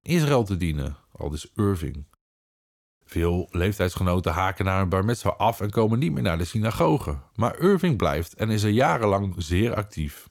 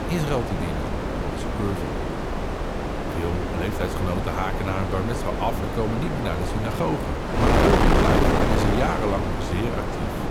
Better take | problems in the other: first | wind noise on the microphone; heavy; 3 dB above the speech

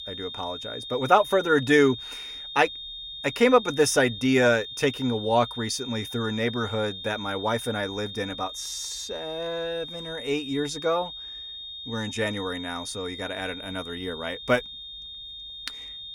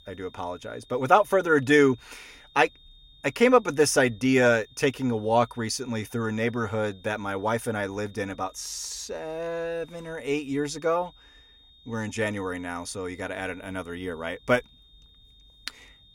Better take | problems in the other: second | high-pitched whine; loud; throughout; 3.5 kHz, 10 dB below the speech; faint in the second

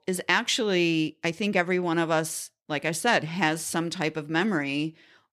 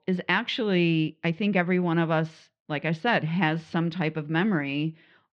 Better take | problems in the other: first | muffled; slightly; fading above 3.5 kHz

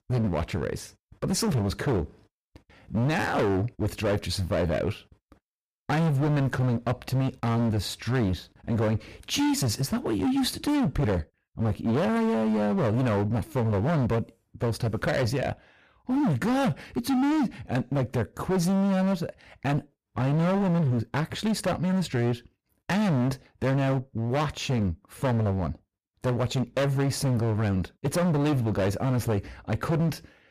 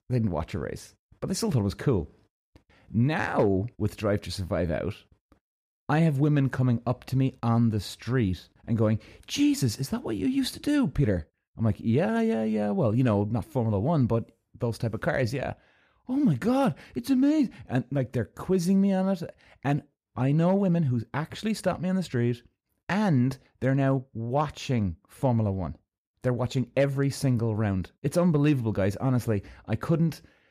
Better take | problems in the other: second | distortion; heavy; 24% of the sound clipped

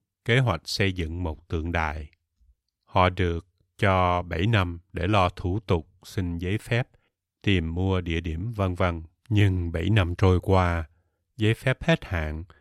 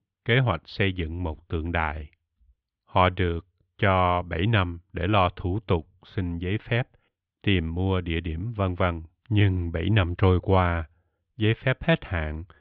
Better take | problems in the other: first | muffled; very; fading above 3.5 kHz

